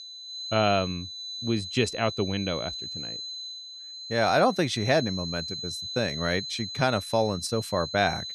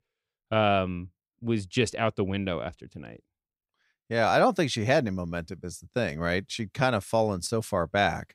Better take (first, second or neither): second